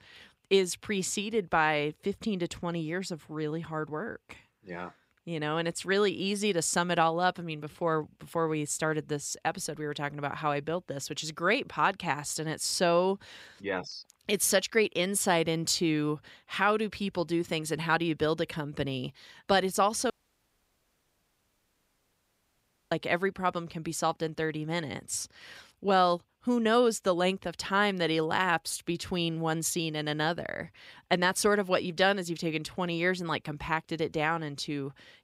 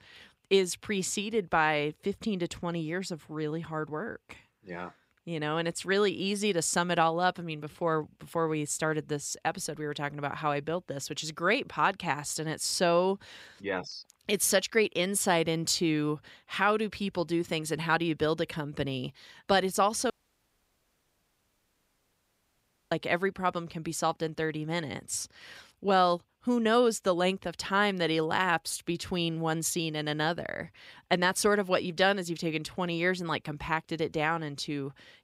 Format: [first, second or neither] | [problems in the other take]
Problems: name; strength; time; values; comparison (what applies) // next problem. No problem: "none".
neither | audio cutting out; at 20 s for 3 s; the same in both